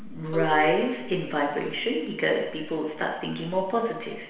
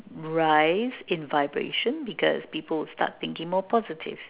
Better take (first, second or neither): second